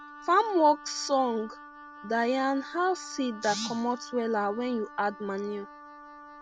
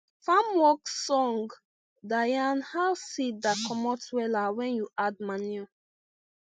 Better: second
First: background sound (Wind instrument, woodwind instrument); 17 dB below the speech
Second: none

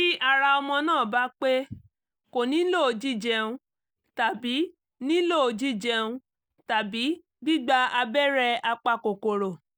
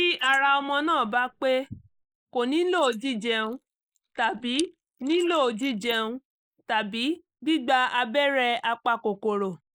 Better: first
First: none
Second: noise reduction (neural mask model Resemble Enhance denoiser)

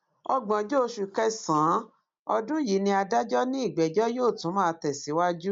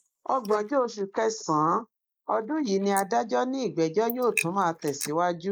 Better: first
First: none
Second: noise reduction (neural mask model Resemble Enhance denoiser)

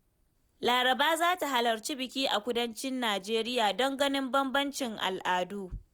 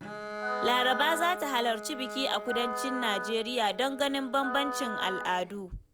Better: first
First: none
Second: background sound (Wind instrument, woodwind instrument + Bowed string instrument); 5 dB below the speech

